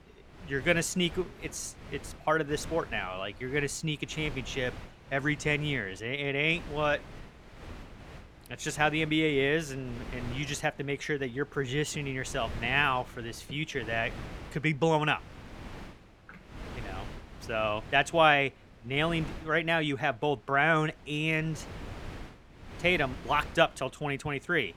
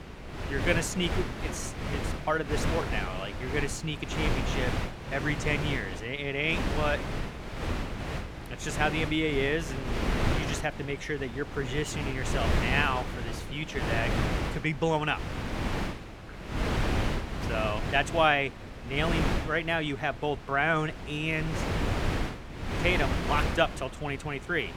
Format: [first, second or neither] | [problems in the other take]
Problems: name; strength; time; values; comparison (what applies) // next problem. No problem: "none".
first | wind noise on the microphone; heavy; 6 dB below the speech; occasional gusts in the first